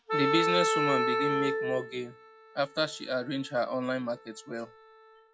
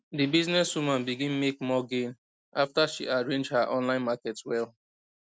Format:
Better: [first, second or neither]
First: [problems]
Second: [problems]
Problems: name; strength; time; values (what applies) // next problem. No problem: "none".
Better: second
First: noise reduction (classical method log-MMSE)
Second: none